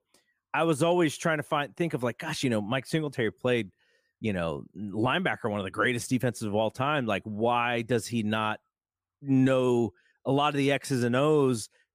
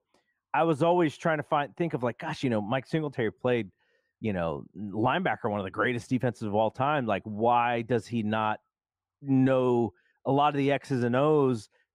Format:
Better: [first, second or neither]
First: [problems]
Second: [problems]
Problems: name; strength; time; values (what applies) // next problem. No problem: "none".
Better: first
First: none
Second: muffled; slightly; fading above 2 kHz